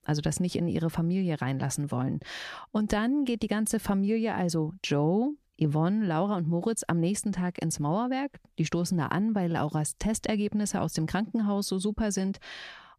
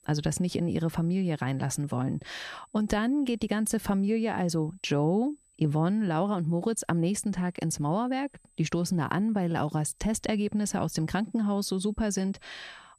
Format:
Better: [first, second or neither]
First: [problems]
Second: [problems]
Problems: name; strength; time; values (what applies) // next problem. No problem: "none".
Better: first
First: none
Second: high-pitched whine; faint; throughout; 8 kHz, 35 dB below the speech